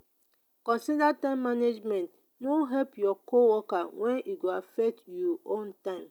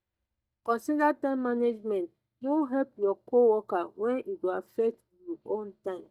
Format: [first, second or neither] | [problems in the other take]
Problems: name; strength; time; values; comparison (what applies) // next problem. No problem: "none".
first | noise reduction (neural mask model DeepFilterNet 3)